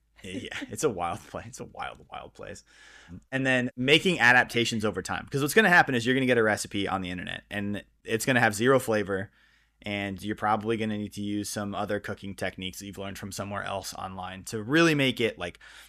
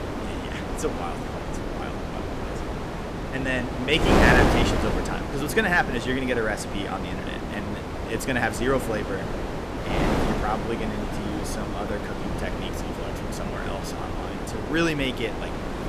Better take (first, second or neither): first